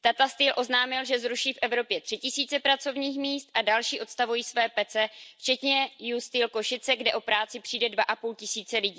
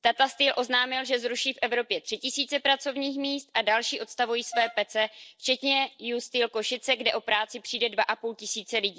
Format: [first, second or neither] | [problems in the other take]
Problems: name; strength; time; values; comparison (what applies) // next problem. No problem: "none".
first | noise reduction (neural separator model SepFormer DNS4)